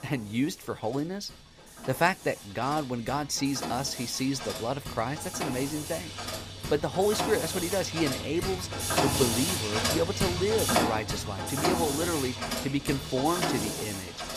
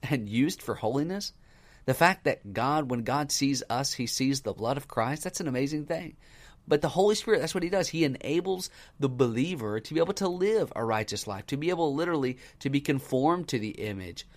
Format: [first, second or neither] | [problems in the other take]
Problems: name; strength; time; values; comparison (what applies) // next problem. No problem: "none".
second | machinery noise; loud; throughout; 1 dB below the speech